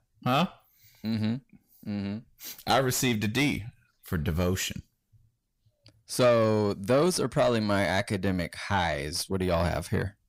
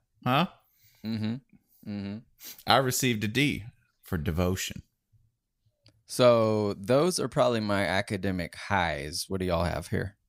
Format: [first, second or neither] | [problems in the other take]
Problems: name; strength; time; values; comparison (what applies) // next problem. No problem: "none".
second | distortion; slight; 10 dB below the speech